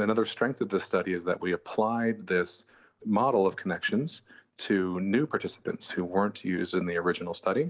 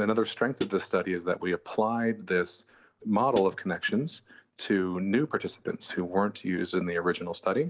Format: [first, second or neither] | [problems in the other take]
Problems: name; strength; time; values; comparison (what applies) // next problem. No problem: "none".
first | background sound (Hi-hat); 9 dB below the speech